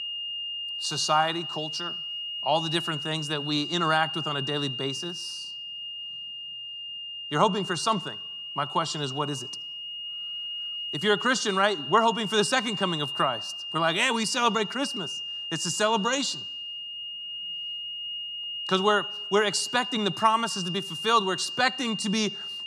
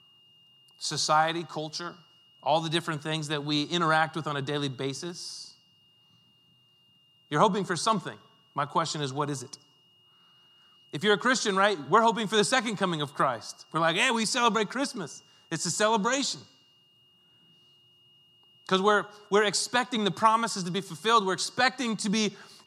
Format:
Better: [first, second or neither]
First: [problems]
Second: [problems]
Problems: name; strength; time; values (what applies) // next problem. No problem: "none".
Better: second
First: high-pitched whine; loud; throughout; 3 kHz, 6 dB below the speech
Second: high-pitched whine; faint; throughout; 3 kHz, 30 dB below the speech